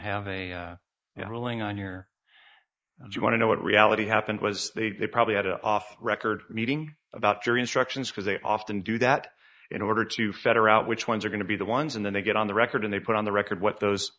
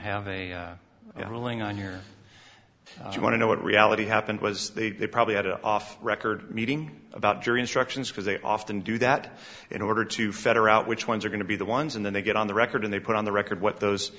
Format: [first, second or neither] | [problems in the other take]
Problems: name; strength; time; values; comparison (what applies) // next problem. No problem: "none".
second | noise reduction (neural mask model Resemble Enhance denoiser)